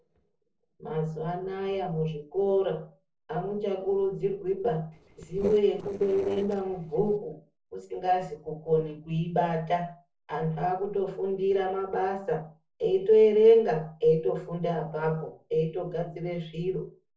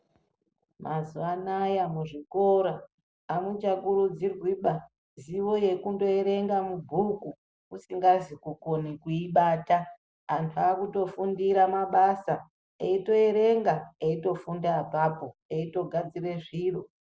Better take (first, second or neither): second